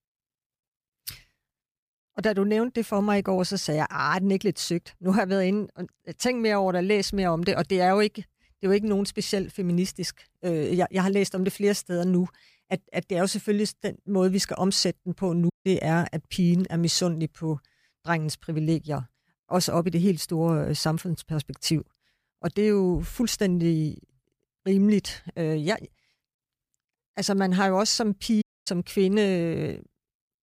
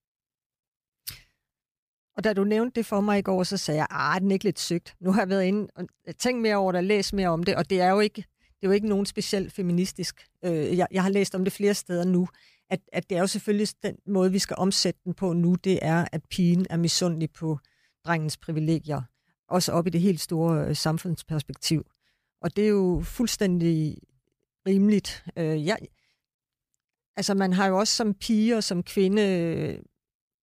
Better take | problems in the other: second | audio cutting out; at 16 s and at 28 s

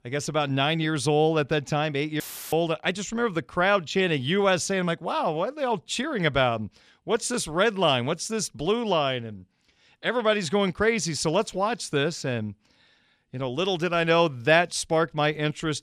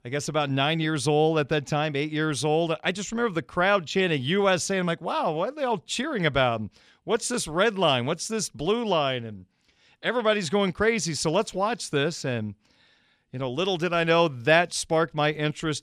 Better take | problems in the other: second | audio cutting out; filled with static; at 2 s

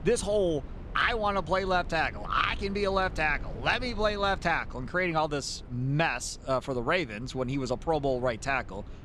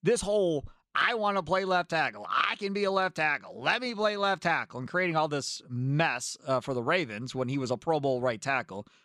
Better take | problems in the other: second | low rumble; faint; throughout; 25 dB below the speech

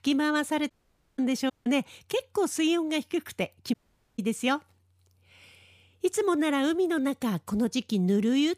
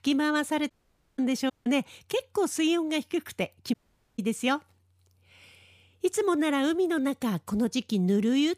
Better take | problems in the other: neither | audio cutting out; at 0.5 s, at 1.5 s and at 3.5 s; the same in both

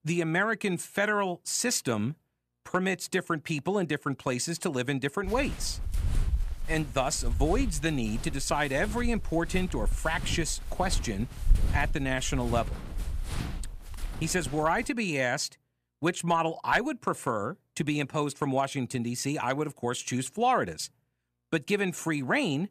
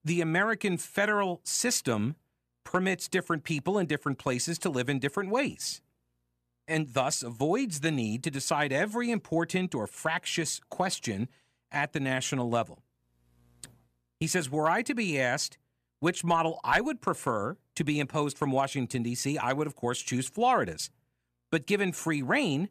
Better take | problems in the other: second | footsteps; loud; from 5.5 to 14 s; peak 1 dB above the speech

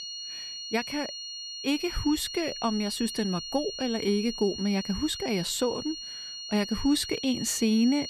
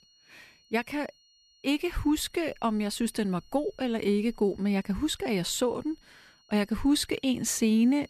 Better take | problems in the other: second | high-pitched whine; loud; throughout; 4.5 kHz, 7 dB below the speech; faint in the second

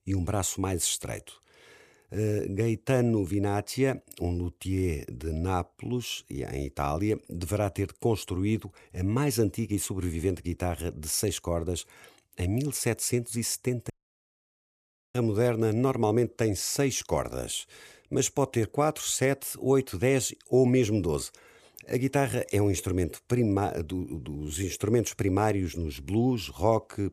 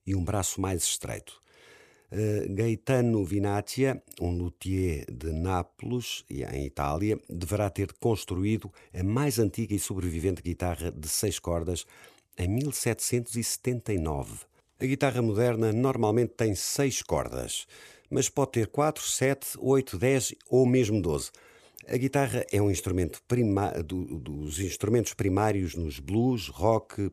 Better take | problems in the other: second | audio cutting out; at 14 s for 1 s

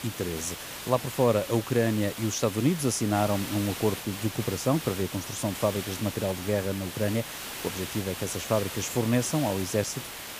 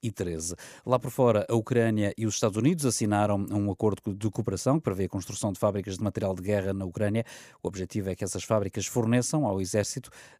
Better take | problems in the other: second | hiss; loud; throughout; 8 dB below the speech

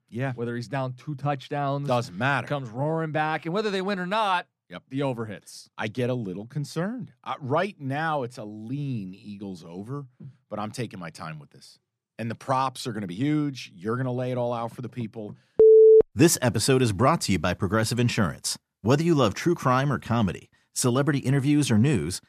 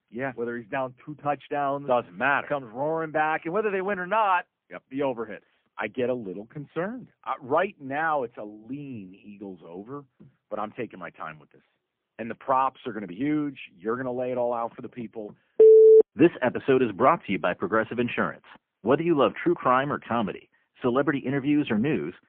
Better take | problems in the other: first | phone-call audio; poor line; nothing above 3 kHz

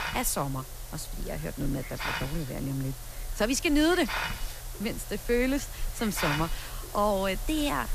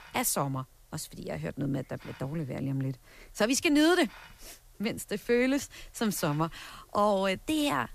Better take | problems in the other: second | hiss; loud; throughout; 7 dB below the speech; faint in the second

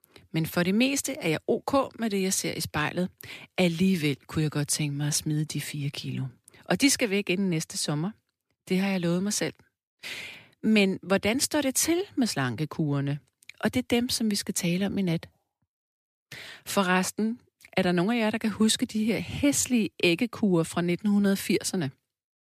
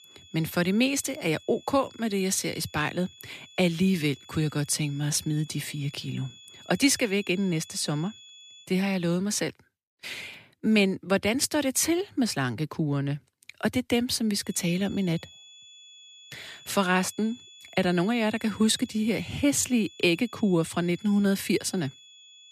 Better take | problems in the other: first | high-pitched whine; faint; until 8.5 s and from 14 s on; 3.5 kHz, 20 dB below the speech

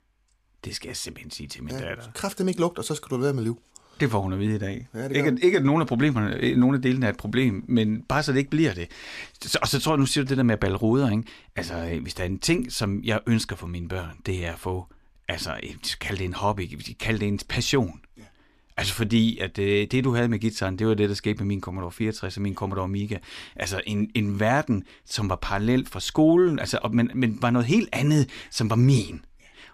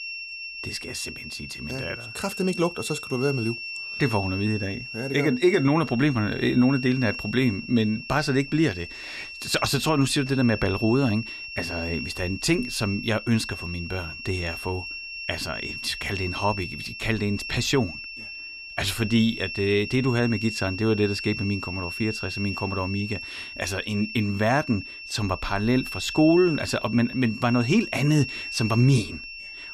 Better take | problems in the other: first | high-pitched whine; loud; throughout; 2.5 kHz, 9 dB below the speech

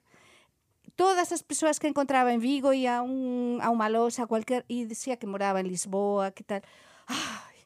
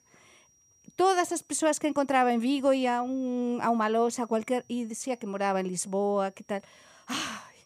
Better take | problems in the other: first | high-pitched whine; faint; throughout; 6 kHz, 35 dB below the speech

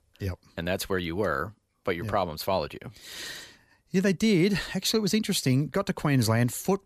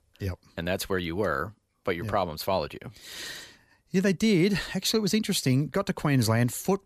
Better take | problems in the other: neither | none

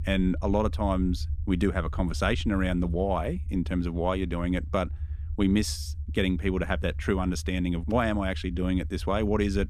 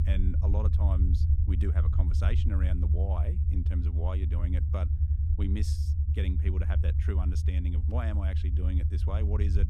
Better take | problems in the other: first | low rumble; loud; throughout; 2 dB below the speech; faint in the first

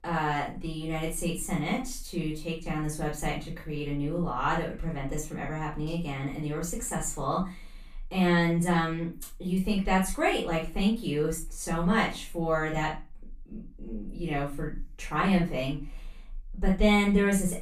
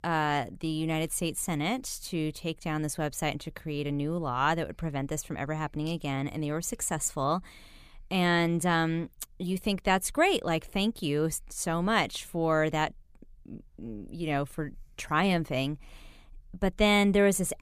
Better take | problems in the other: second | off-mic speech; far // room echo; slight; dies away in 0.3 s

